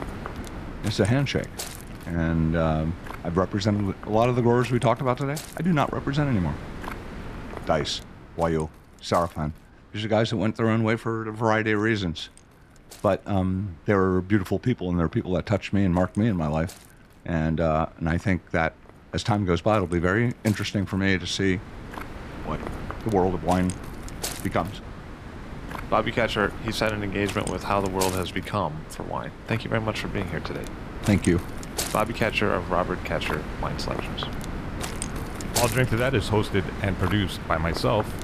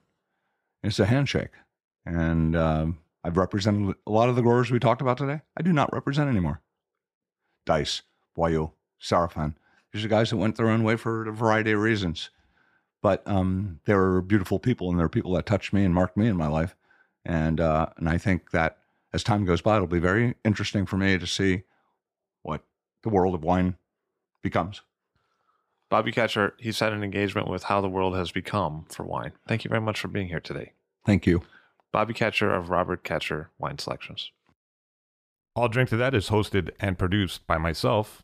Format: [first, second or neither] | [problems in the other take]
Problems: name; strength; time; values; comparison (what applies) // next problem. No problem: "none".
second | wind noise on the microphone; occasional gusts; 10 dB below the speech